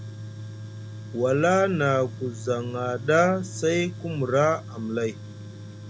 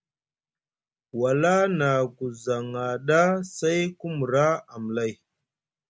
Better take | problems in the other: second | background sound (Tools); 12 dB below the speech

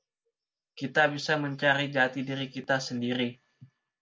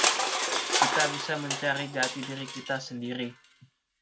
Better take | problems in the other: first | background sound (Crushing); 3 dB above the speech

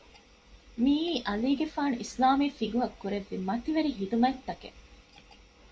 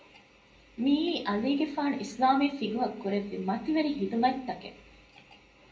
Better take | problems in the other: first | room echo; dies away in 0.5 s

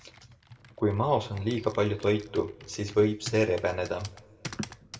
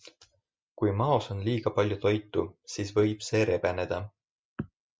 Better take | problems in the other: second | background sound (Computer keyboard); 17 dB below the speech // room echo; dies away in 1 s

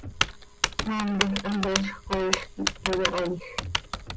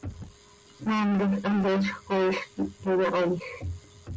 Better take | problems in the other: second | background sound (Typing); 1 dB below the speech

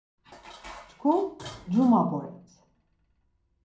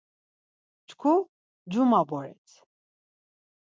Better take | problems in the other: second | background sound (Dishes, pots, and pans); 20 dB below the speech // room echo; dies away in 0.6 s

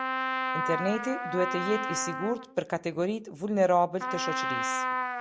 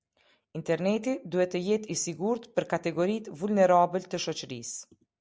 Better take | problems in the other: second | background sound (Trumpet); 2 dB below the speech

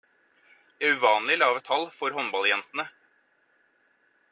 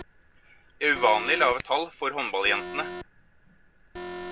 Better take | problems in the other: first | background sound (Alarm + Hands); 12 dB below the speech

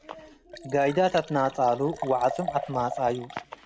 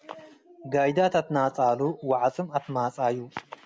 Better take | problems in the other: second | background sound (Liquid); 12 dB below the speech

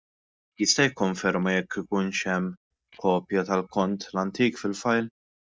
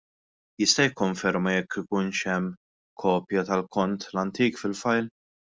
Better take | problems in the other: second | noise reduction (neural mask model DeepFilterNet 3)

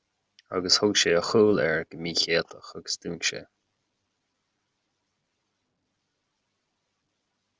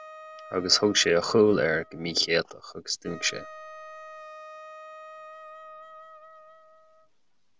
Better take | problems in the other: first | background sound (Wind instrument, woodwind instrument); 17 dB below the speech

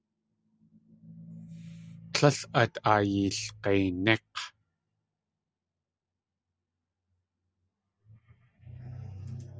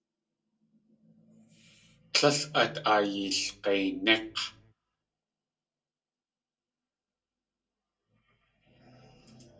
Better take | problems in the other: first | room echo; dies away in 0.2 s

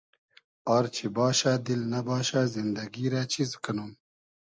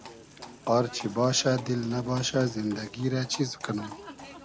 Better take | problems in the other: first | background sound (Livestock, farm animals, working animals); 16 dB below the speech

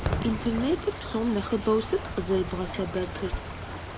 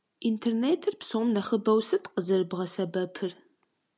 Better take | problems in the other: second | background sound (Fireworks + Stream / Trickle, dribble); 5 dB below the speech

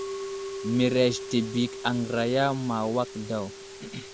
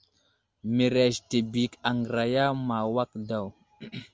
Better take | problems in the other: second | background sound (Musical instrument); 10 dB below the speech

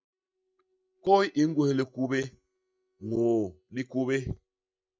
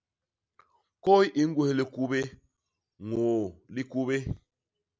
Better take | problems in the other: second | noise reduction (neural mask model DeepFilterNet 3)

